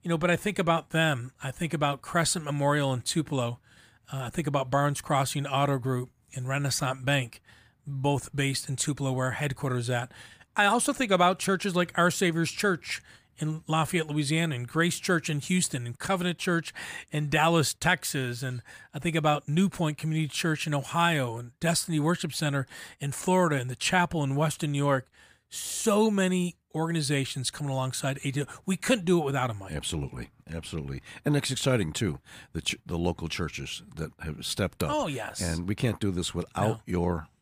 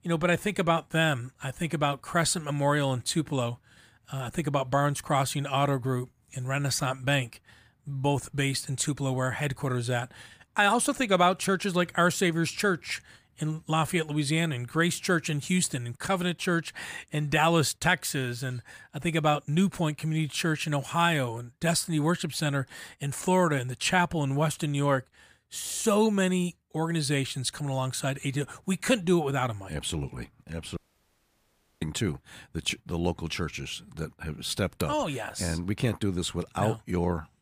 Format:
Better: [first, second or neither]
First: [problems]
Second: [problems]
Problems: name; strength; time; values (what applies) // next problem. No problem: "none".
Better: first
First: none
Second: audio cutting out; at 31 s for 1 s